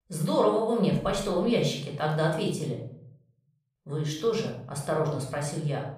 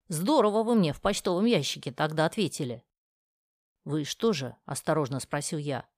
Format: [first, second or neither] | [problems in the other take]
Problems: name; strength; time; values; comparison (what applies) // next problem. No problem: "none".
second | off-mic speech; somewhat distant // room echo; noticeable; dies away in 0.6 s